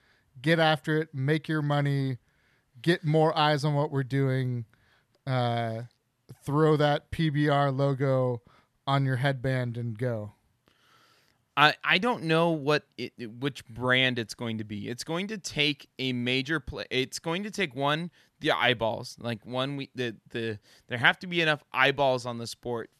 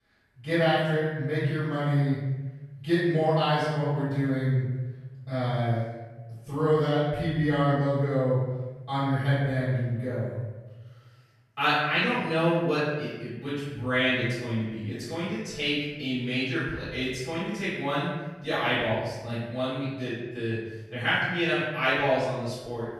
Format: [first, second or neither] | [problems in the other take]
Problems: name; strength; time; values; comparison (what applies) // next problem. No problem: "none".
first | off-mic speech; far // room echo; strong; dies away in 1.2 s